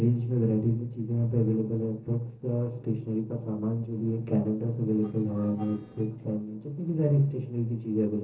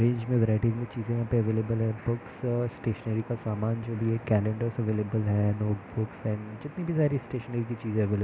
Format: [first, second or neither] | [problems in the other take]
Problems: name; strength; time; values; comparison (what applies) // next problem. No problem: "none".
second | noise reduction (neural separator model SepFormer DNS4)